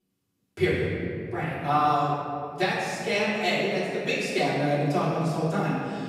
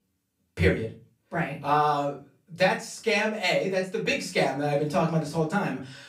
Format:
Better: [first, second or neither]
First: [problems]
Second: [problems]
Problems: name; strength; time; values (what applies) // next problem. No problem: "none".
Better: second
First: room echo; strong; dies away in 2.2 s // off-mic speech; far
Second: room echo; slight; dies away in 0.3 s // off-mic speech; far